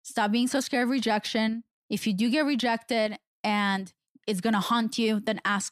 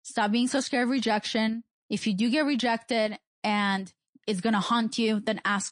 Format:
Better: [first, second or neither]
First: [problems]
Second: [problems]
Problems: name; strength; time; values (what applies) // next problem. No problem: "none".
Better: first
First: none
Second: garbled, watery; slightly; nothing above 8.5 kHz